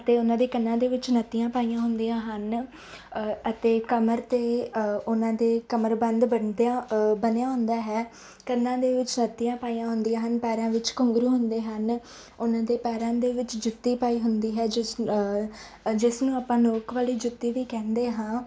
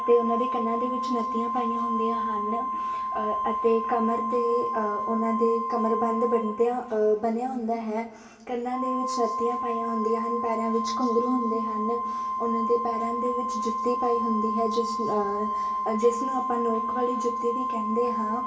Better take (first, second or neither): first